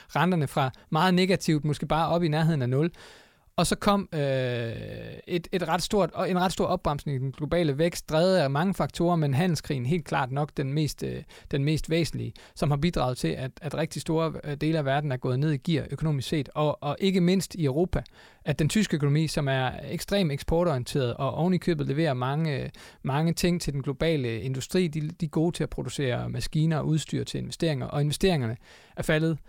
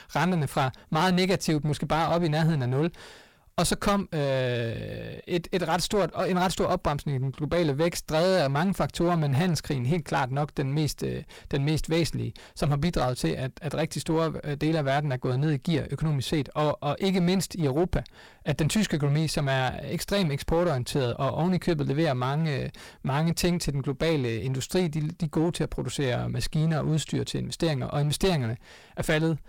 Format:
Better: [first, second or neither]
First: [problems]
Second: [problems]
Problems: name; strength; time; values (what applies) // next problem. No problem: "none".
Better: first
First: none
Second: distortion; slight; 11% of the sound clipped